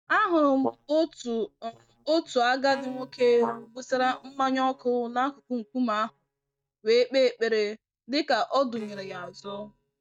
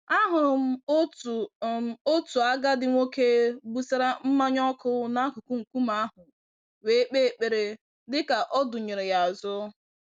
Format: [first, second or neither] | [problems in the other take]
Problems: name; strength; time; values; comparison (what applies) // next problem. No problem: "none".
second | noise reduction (neural mask model DeepFilterNet 3)